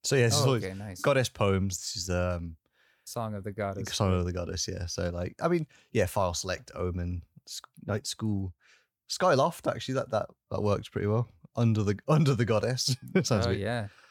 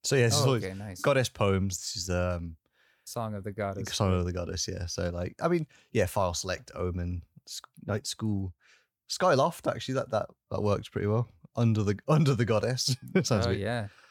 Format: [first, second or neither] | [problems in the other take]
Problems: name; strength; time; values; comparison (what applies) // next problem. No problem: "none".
neither | none